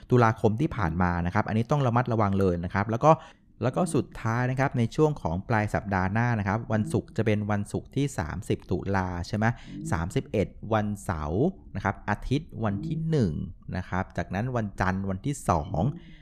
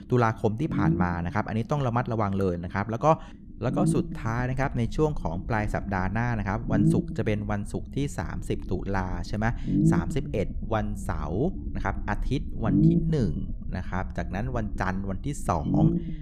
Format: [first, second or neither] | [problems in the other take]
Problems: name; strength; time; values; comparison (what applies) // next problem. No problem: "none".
first | low rumble; loud; throughout; 4 dB below the speech; faint in the first